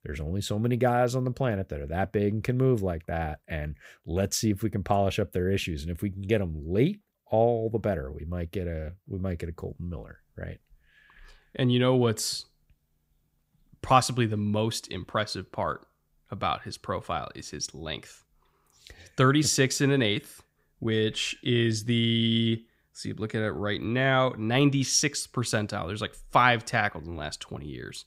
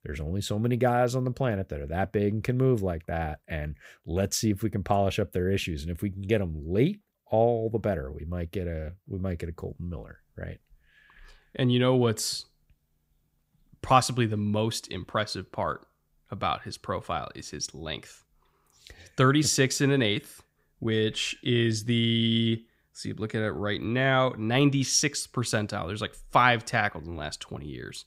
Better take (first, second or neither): neither